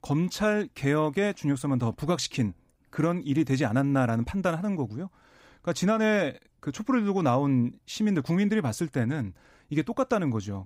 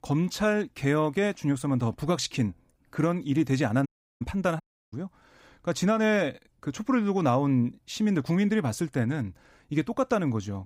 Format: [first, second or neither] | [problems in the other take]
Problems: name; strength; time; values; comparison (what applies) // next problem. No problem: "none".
first | audio cutting out; at 4 s and at 4.5 s